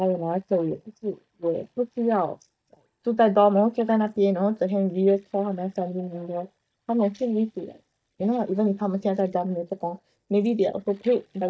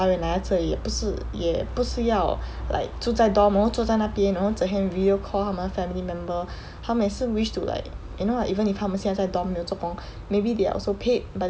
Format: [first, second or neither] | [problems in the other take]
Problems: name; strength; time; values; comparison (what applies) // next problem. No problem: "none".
second | noise reduction (neural mask model DeepFilterNet 3)